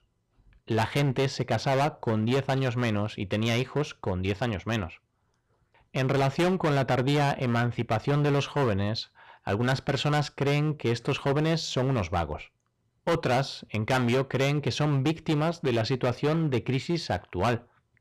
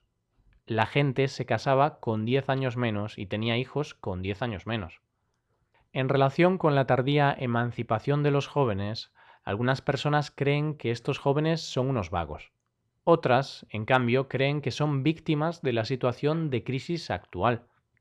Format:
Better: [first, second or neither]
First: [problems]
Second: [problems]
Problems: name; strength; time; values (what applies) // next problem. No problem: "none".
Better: second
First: distortion; heavy; 13% of the sound clipped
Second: none